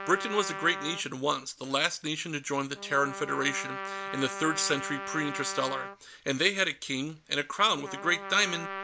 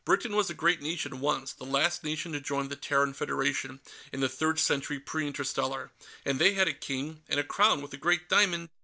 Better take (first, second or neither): second